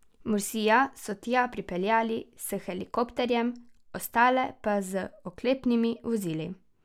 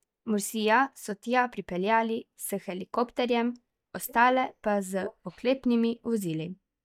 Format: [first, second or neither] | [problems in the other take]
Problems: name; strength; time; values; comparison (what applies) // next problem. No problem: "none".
first | noise reduction (neural mask model DeepFilterNet 3)